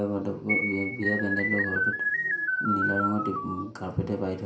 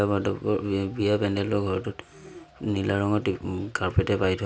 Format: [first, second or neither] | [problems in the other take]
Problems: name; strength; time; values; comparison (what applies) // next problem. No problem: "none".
second | background sound (Keyboard (musical)); 2 dB above the speech // room echo; dies away in 0.5 s